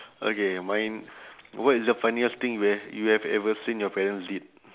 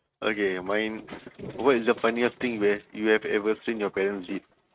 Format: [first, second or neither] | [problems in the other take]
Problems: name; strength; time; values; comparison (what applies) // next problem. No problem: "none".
first | noise reduction (neural mask model RNNoise)